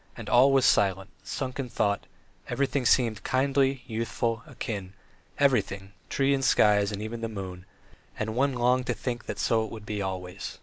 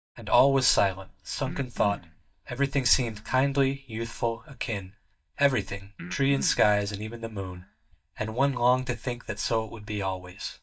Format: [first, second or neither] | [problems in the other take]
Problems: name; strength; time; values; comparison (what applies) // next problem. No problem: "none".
first | noise reduction (neural mask model DeepFilterNet 3)